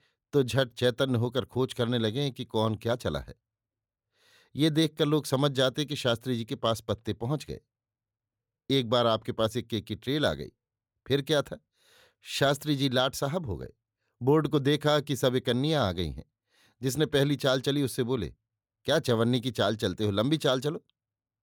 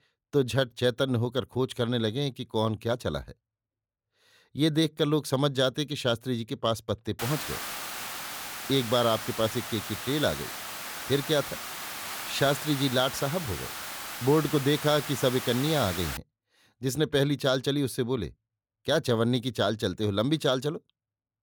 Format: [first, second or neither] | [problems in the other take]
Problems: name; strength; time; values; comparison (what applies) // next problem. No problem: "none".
first | hiss; loud; from 7 to 16 s; 7 dB below the speech